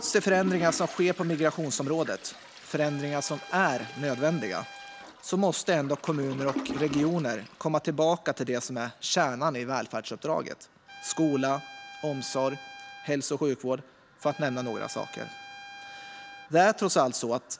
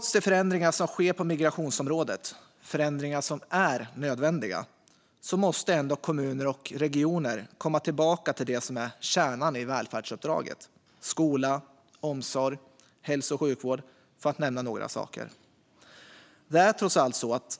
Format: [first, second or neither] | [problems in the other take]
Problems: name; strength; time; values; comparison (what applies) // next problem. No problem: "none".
second | background sound (Trumpet + Toilet flush); 15 dB below the speech